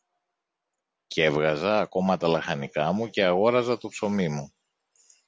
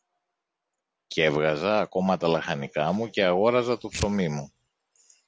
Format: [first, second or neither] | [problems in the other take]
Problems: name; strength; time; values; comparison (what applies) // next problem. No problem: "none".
first | background sound (Tearing); 13 dB below the speech